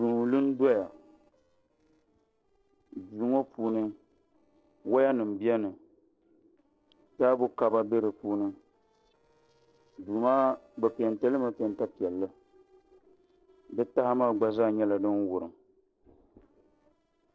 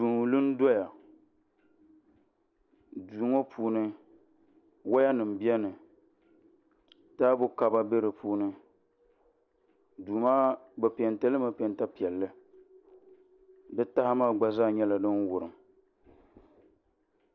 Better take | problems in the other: second | noise reduction (neural separator model SepFormer DNS4)

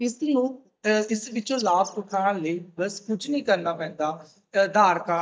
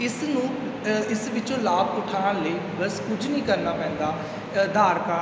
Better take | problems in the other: second | noise reduction (neural mask model DeepFilterNet 3)

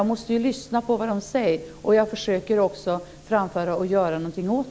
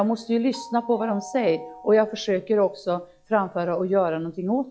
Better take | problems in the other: first | noise reduction (classical method log-MMSE)

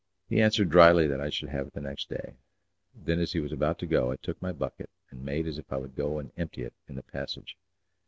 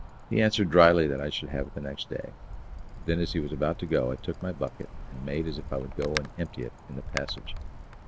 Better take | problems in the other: first | background sound (Wind); 11 dB below the speech

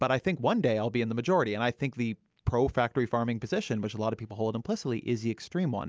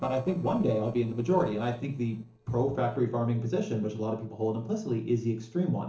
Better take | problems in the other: first | noise reduction (neural separator model SepFormer DNS4)

